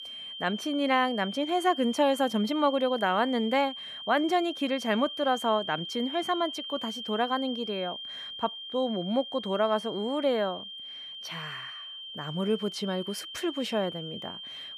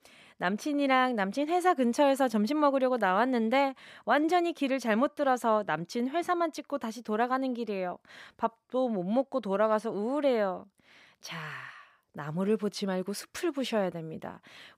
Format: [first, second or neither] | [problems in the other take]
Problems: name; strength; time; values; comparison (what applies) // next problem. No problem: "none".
second | high-pitched whine; loud; throughout; 3 kHz, 9 dB below the speech